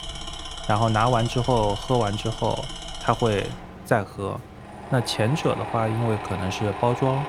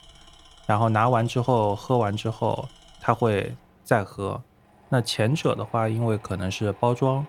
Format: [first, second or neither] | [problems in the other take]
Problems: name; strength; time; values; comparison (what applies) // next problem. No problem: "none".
second | machinery noise; loud; throughout; 10 dB below the speech; faint in the second